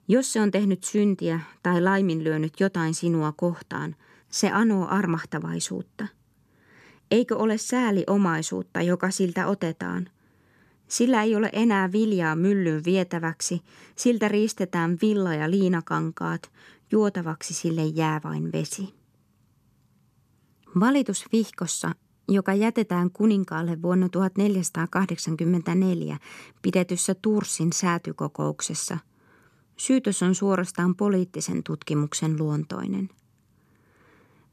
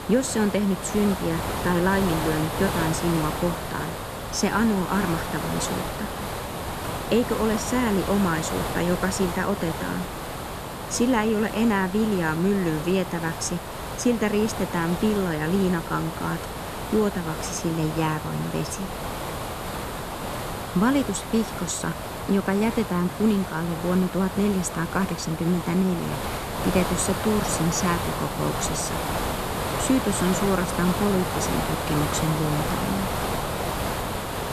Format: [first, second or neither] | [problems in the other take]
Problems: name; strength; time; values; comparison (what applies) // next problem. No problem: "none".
first | hiss; loud; throughout; 5 dB below the speech